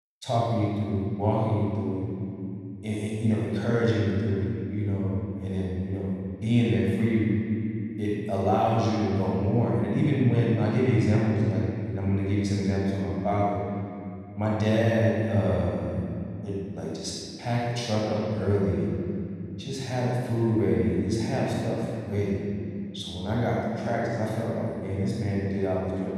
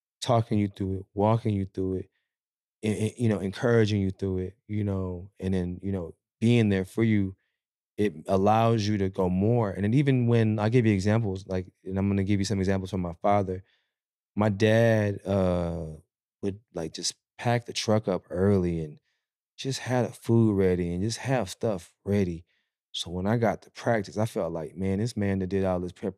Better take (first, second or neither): second